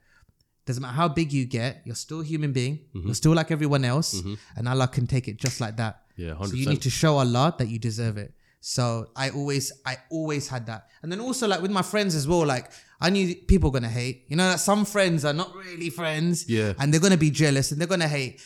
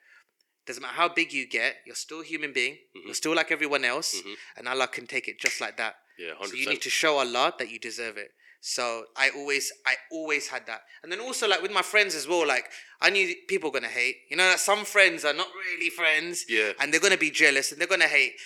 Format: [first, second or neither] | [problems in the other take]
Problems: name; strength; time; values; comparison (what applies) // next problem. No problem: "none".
first | thin; very; fading below 400 Hz